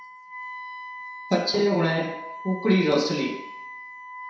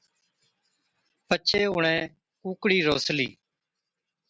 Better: second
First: background sound (Wind instrument, woodwind instrument); 13 dB below the speech // room echo; dies away in 0.7 s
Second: none

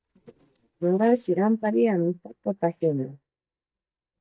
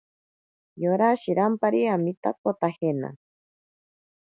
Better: second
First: noise reduction (neural mask model DeepFilterNet 3)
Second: none

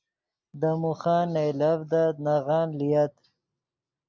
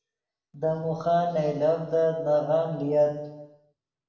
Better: first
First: none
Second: room echo; dies away in 0.9 s

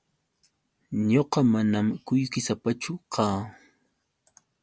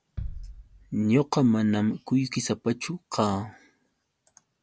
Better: first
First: none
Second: background sound (Bass drum); 17 dB below the speech

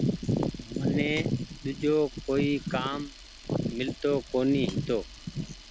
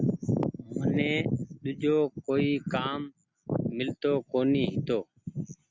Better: second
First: background sound (Camera); 17 dB below the speech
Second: none

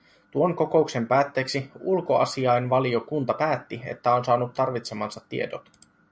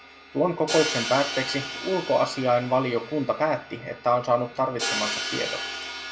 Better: first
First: none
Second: background sound (Crash cymbal); 7 dB below the speech // room echo; dies away in 0.4 s

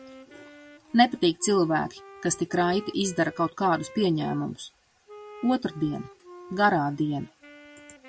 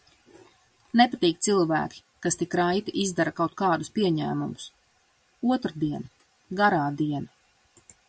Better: second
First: background sound (Wind instrument, woodwind instrument); 20 dB below the speech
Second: none

